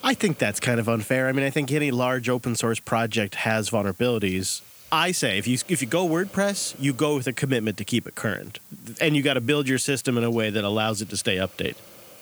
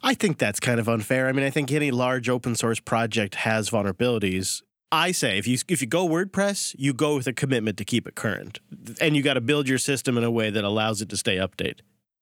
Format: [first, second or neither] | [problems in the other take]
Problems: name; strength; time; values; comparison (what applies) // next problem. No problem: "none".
second | hiss; faint; throughout; 20 dB below the speech